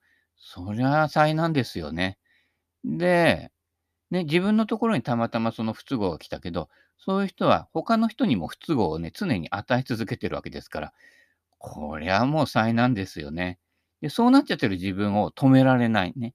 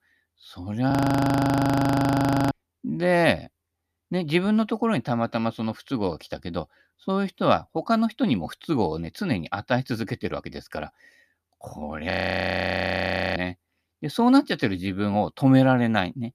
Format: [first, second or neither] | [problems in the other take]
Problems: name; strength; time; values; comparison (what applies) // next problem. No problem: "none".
first | audio freezing; at 1 s for 1.5 s and at 12 s for 1.5 s